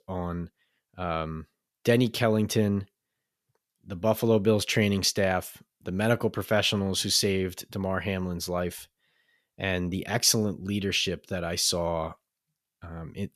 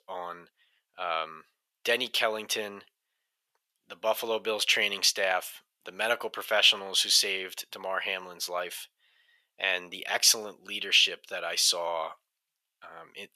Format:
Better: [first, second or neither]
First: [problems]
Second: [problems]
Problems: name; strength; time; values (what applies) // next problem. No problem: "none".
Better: first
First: none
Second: thin; very; fading below 800 Hz